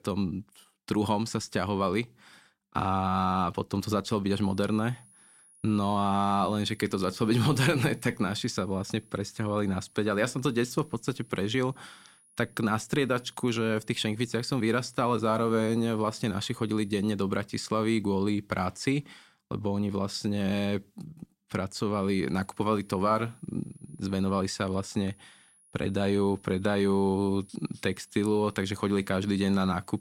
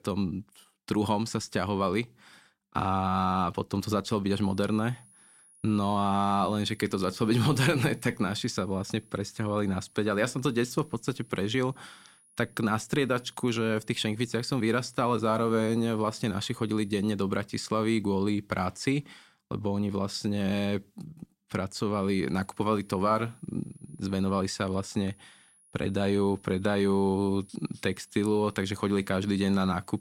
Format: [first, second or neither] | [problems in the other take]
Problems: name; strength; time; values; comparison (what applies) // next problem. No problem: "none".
neither | high-pitched whine; faint; from 4.5 to 17 s and from 22 s on; 10.5 kHz, 30 dB below the speech; the same in both